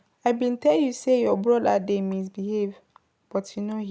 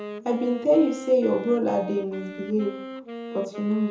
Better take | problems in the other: first | background sound (Wind instrument, woodwind instrument); 12 dB below the speech // room echo; dies away in 0.6 s

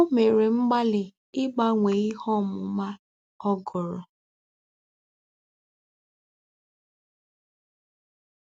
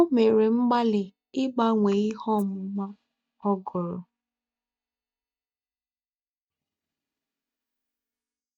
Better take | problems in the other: first | noise reduction (neural mask model DeepFilterNet 3)

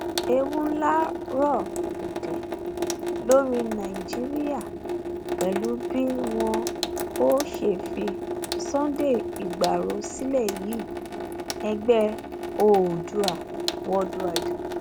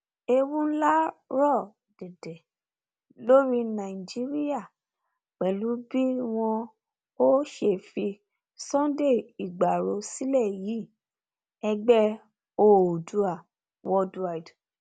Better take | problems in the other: second | background sound (Sink (filling or washing) / Water tap, faucet); 4 dB below the speech

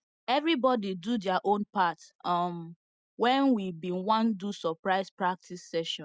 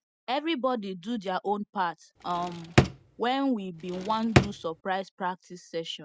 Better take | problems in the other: first | background sound (Drawer open or close); 3 dB above the speech

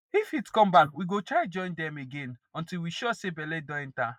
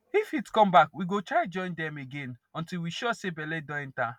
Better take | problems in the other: second | noise reduction (neural mask model Resemble Enhance denoiser)

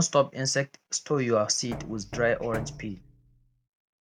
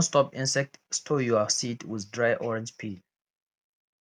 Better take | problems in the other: second | background sound (Knock); 12 dB below the speech

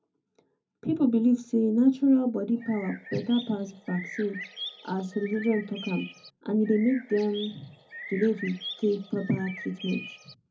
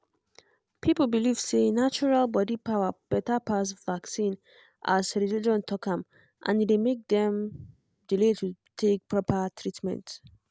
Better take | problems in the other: second | background sound (Bird); 14 dB below the speech // room echo; dies away in 0.3 s

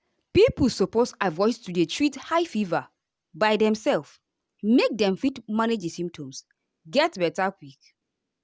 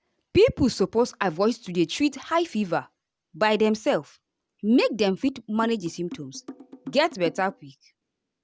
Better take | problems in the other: first | background sound (Drum); 16 dB below the speech

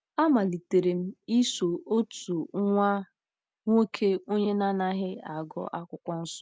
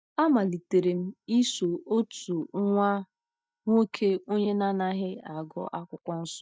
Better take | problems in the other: first | noise reduction (neural mask model DeepFilterNet 3)

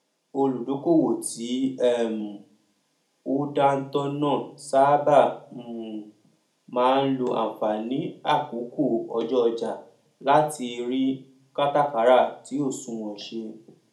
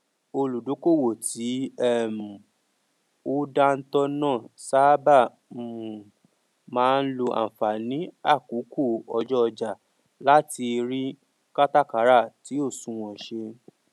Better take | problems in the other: second | room echo; dies away in 0.4 s

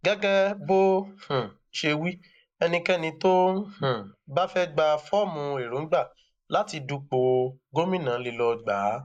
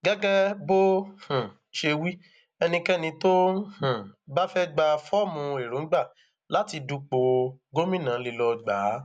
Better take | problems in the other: second | noise reduction (neural mask model Resemble Enhance denoiser)

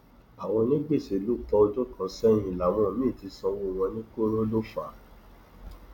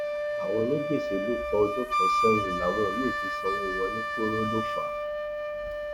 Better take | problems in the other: first | background sound (Wind instrument, woodwind instrument); 1 dB above the speech

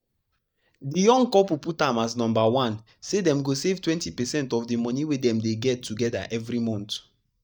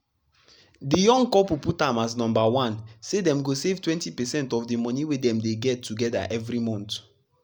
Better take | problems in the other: second | noise reduction (neural mask model DeepFilterNet 3)

